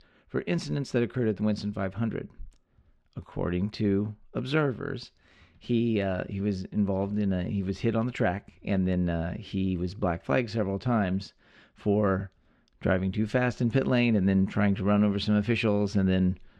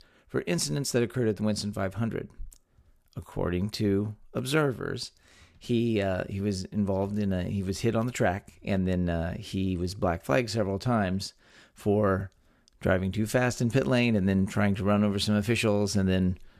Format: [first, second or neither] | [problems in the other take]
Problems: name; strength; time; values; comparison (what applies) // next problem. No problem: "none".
second | muffled; very slightly; fading above 3 kHz